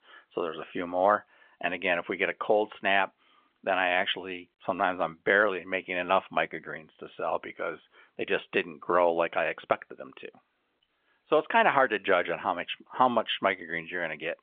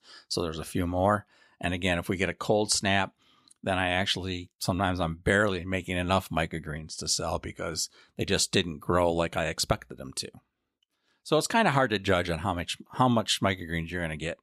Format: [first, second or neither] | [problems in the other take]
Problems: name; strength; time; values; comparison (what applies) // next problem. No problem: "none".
second | phone-call audio; nothing above 3.5 kHz